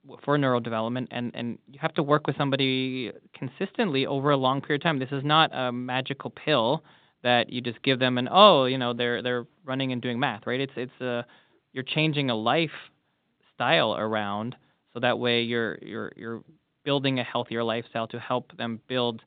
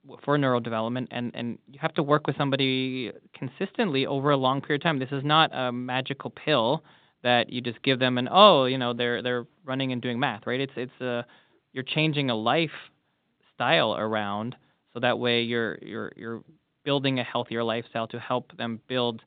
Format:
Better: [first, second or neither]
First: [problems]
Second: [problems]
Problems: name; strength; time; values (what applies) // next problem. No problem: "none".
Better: neither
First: phone-call audio; nothing above 4 kHz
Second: phone-call audio; nothing above 4 kHz